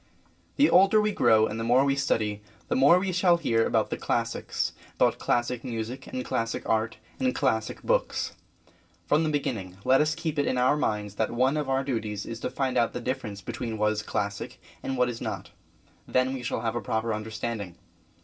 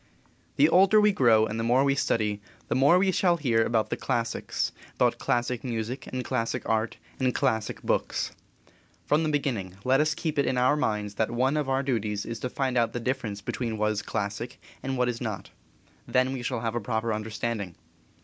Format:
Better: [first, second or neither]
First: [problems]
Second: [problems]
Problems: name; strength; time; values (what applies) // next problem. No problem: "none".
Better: second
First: room echo; dies away in 0.2 s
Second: none